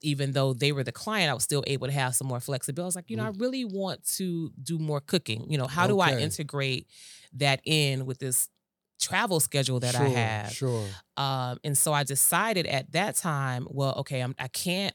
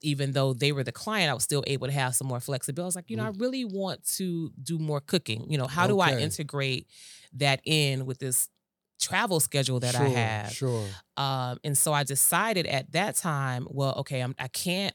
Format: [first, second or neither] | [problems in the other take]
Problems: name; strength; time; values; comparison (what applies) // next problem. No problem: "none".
neither | none